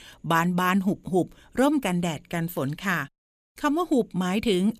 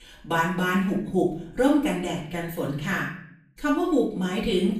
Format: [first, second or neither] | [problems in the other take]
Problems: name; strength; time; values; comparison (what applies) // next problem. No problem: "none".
first | room echo; noticeable; dies away in 0.6 s // off-mic speech; far